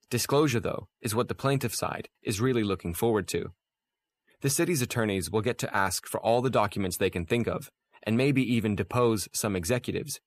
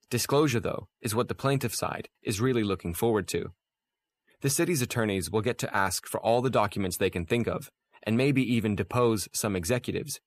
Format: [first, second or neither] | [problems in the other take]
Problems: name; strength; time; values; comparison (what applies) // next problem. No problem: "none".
neither | none